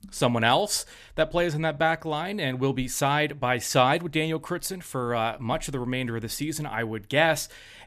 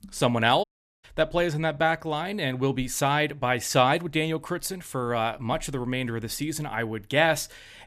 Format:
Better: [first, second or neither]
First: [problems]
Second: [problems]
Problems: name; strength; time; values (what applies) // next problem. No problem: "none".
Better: first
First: none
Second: audio cutting out; at 0.5 s